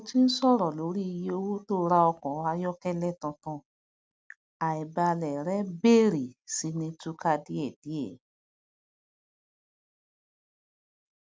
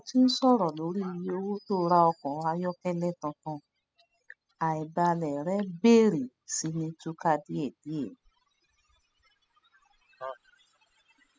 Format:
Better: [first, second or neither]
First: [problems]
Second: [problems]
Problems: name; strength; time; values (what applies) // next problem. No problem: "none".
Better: first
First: none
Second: noise reduction (classical method spectral subtraction)